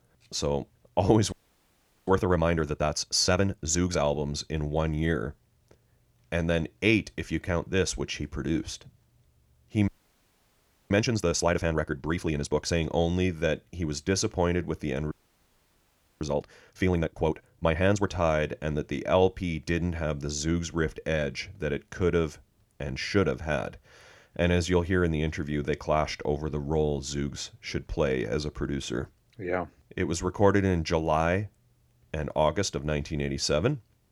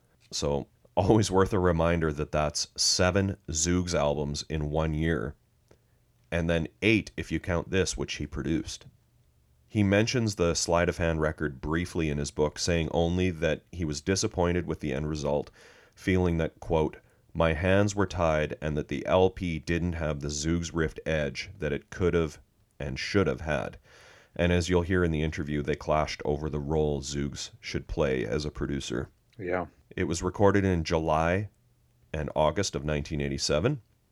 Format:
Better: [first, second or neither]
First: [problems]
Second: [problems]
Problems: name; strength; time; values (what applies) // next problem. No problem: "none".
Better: second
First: audio freezing; at 1.5 s for 0.5 s, at 10 s for 1 s and at 15 s for 1 s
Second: none